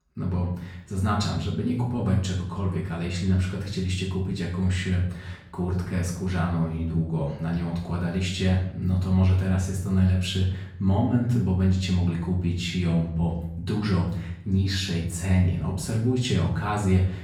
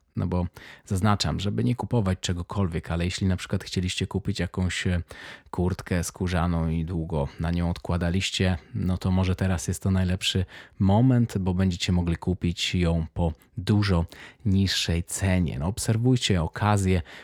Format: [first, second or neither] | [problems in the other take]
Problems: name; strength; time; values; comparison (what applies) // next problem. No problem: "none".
second | off-mic speech; far // room echo; noticeable; dies away in 0.6 s